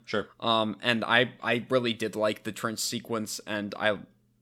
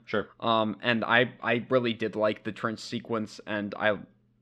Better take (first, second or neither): first